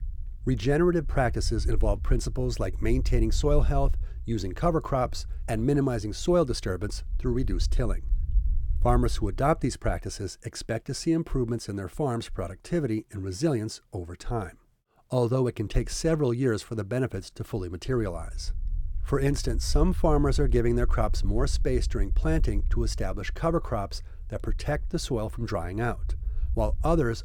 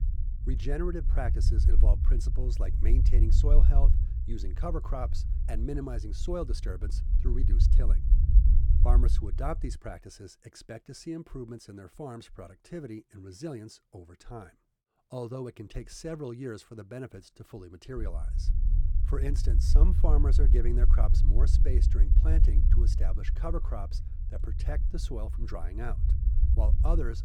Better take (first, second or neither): first